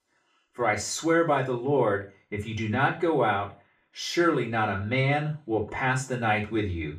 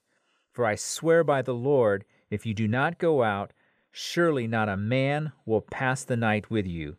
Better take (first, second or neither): second